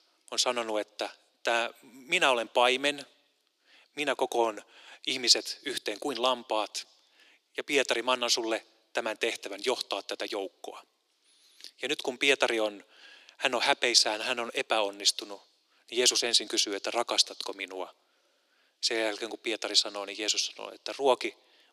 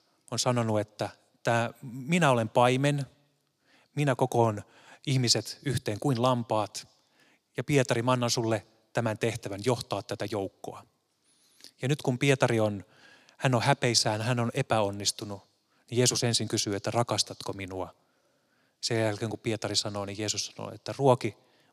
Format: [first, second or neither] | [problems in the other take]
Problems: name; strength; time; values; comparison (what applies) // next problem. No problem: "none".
second | thin; somewhat; fading below 350 Hz